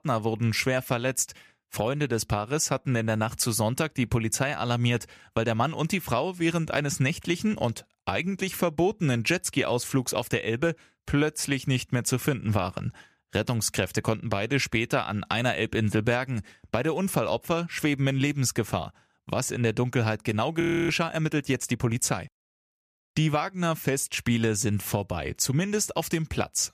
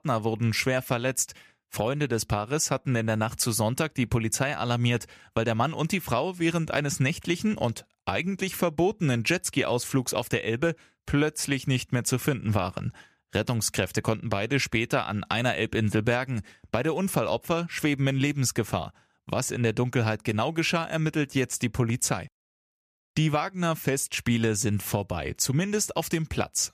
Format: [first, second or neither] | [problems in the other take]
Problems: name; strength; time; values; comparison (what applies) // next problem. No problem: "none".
second | audio freezing; at 21 s